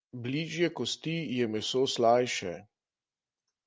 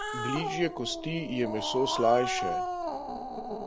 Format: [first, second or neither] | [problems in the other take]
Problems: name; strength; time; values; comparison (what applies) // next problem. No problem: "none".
first | background sound (Growling); 3 dB below the speech